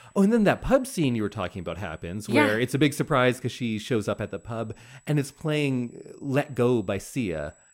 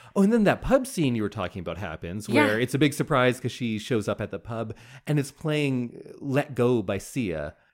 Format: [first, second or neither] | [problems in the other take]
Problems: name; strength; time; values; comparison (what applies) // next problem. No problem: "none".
second | high-pitched whine; faint; throughout; 8 kHz, 35 dB below the speech